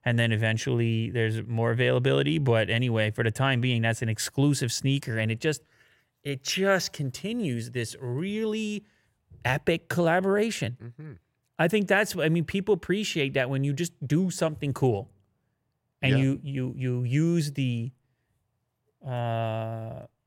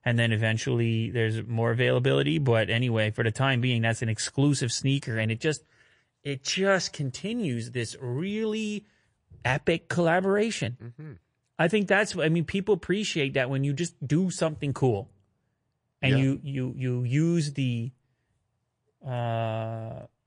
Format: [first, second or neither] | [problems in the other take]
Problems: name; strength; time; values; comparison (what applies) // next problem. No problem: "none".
first | garbled, watery; slightly; nothing above 8.5 kHz